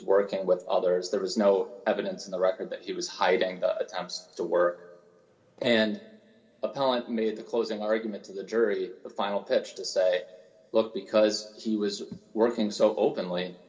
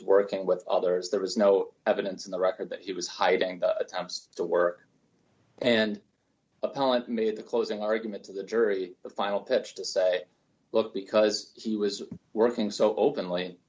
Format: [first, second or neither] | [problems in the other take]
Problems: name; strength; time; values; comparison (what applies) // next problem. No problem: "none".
second | room echo; dies away in 1.1 s